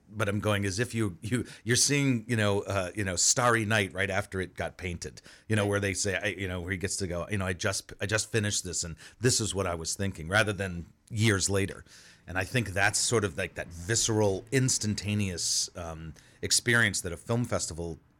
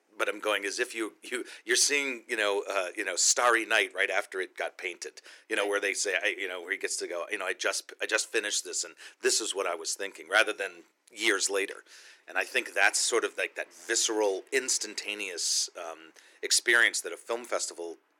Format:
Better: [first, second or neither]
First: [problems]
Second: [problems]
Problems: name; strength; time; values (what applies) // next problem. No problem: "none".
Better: first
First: none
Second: thin; very; fading below 350 Hz